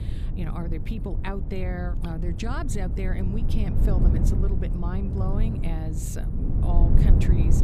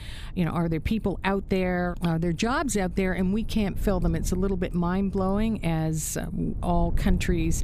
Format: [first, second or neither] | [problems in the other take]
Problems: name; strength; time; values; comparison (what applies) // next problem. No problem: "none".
second | low rumble; loud; throughout; 2 dB below the speech; faint in the second